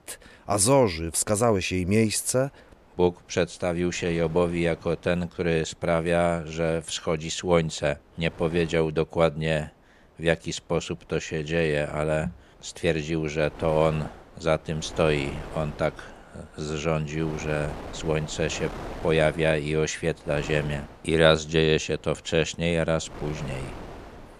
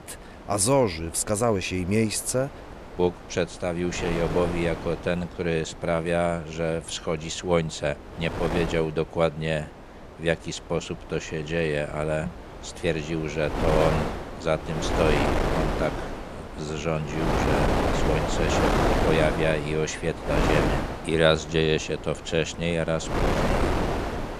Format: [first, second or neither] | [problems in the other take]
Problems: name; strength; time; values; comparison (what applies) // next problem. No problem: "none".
first | wind noise on the microphone; heavy; 1 dB below the speech; occasional gusts in the first